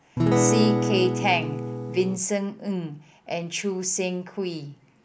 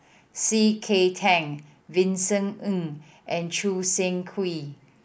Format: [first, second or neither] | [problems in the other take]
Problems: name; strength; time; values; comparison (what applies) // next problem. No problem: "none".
second | background sound (Acoustic guitar / Strum); 3 dB above the speech